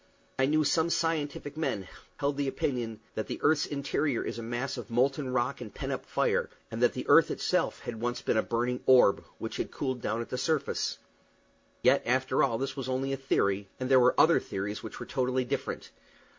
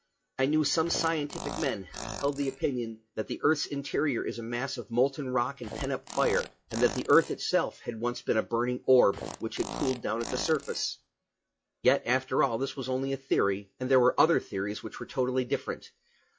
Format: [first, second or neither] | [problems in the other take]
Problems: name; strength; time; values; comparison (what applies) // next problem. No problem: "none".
first | noise reduction (classical method log-MMSE)